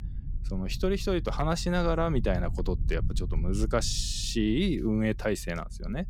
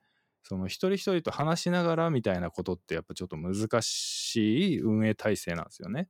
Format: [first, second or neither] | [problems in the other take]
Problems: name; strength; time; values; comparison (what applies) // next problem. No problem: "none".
second | low rumble; faint; throughout; 20 dB below the speech